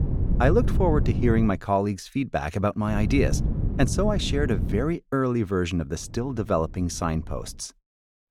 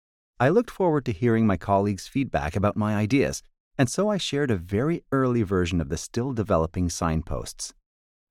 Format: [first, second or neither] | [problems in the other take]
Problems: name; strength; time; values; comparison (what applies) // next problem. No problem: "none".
second | wind noise on the microphone; occasional gusts; until 1.5 s, from 3 to 5 s and from 6 to 7.5 s; 10 dB below the speech